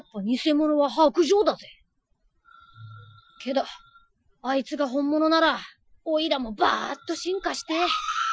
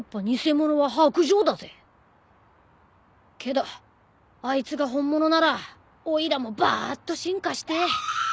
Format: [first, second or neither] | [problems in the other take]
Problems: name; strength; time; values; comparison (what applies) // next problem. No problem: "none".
second | noise reduction (classical method Wiener filter)